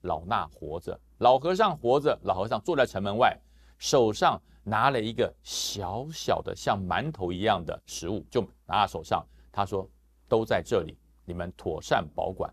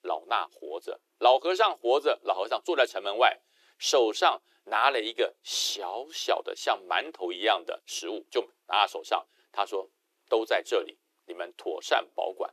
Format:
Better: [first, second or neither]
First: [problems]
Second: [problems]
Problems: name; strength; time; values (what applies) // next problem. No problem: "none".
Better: first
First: none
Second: thin; very; fading below 350 Hz